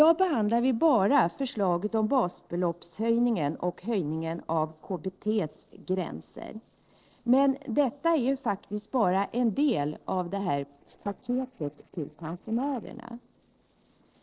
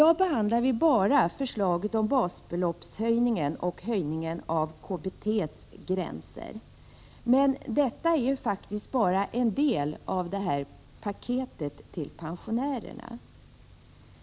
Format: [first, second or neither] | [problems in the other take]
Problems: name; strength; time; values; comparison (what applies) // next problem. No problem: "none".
second | noise reduction (neural separator model SepFormer DNS4)